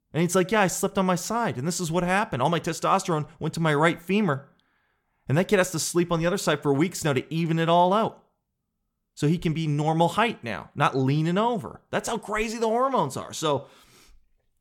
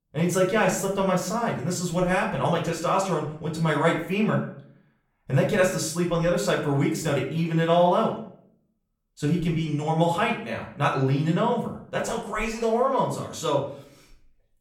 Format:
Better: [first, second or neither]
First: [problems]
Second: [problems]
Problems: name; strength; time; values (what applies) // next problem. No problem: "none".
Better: first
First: none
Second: room echo; slight; dies away in 0.5 s // off-mic speech; far